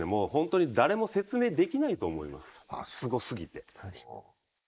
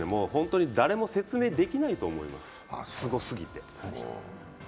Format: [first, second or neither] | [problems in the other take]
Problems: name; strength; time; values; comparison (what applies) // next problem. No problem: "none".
second | noise reduction (neural mask model Resemble Enhance denoiser)